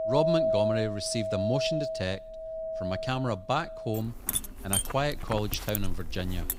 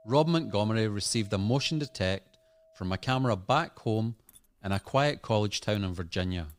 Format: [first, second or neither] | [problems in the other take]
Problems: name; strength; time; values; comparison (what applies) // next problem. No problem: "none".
second | household noises; loud; throughout; as loud as the speech; faint in the second